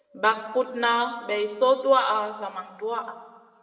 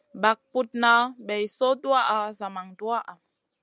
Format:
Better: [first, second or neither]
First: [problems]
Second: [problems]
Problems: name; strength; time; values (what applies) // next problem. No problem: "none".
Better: second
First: room echo; dies away in 1.5 s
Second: none